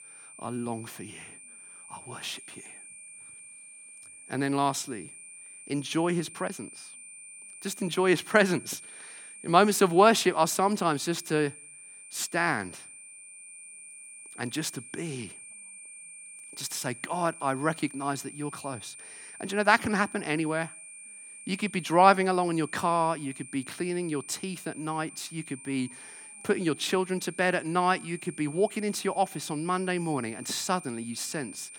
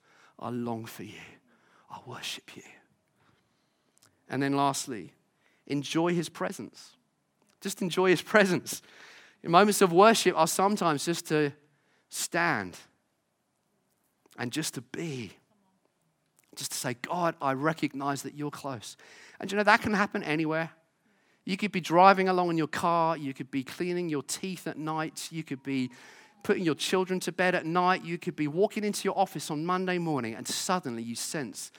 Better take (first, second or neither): second